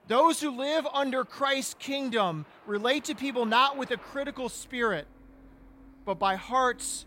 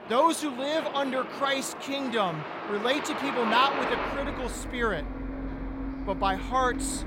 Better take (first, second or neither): first